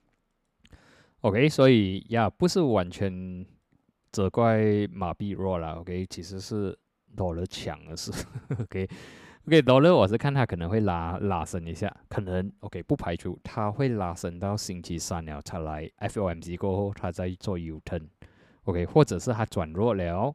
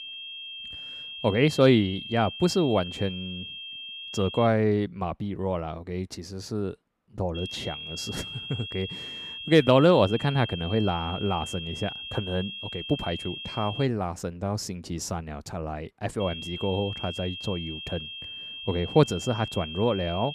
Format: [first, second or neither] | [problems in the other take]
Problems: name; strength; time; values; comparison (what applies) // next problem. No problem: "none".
first | high-pitched whine; loud; until 4.5 s, from 7.5 to 14 s and from 16 s on; 3 kHz, 9 dB below the speech